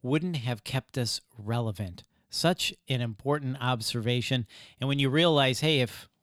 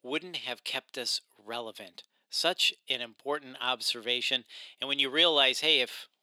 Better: first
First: none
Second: thin; very; fading below 350 Hz

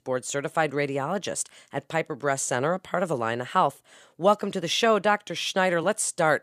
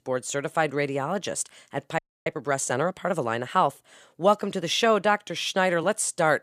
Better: first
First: none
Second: audio freezing; at 2 s

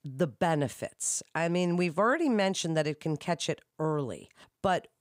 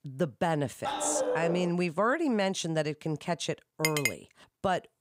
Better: first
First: none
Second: dog barking; loud; at 1 s; peak level with the speech // clattering dishes; loud; at 4 s; peak 2 dB above the speech

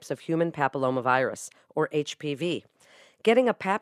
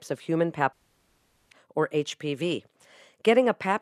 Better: first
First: none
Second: audio cutting out; at 0.5 s for 1 s

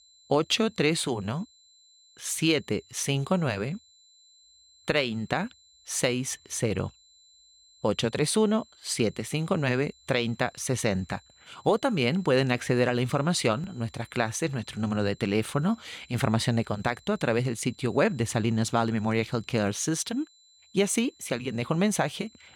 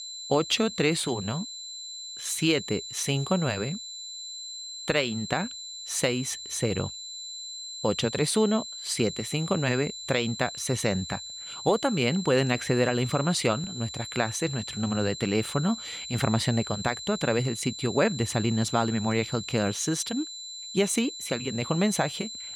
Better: first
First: high-pitched whine; faint; throughout; 4 kHz, 30 dB below the speech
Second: high-pitched whine; loud; throughout; 4 kHz, 9 dB below the speech

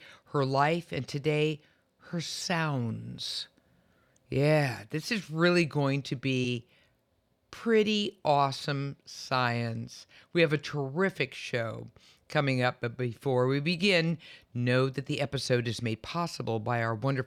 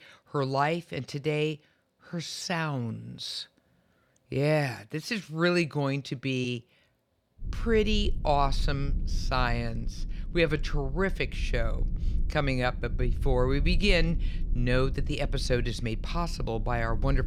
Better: first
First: none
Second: low rumble; faint; from 7.5 s on; 20 dB below the speech

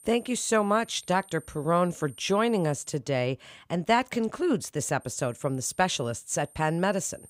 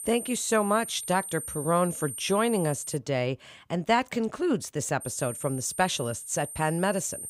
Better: first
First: high-pitched whine; faint; until 3 s and from 5 s on; 9 kHz, 25 dB below the speech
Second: high-pitched whine; loud; until 3 s and from 5 s on; 9 kHz, 8 dB below the speech

